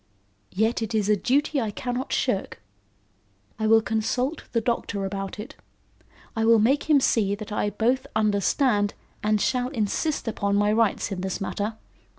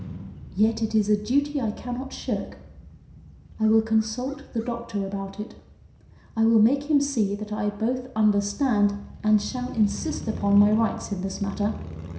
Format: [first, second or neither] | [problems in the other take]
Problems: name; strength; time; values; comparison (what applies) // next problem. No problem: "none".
first | background sound (Motorcycle); 15 dB below the speech // room echo; dies away in 0.7 s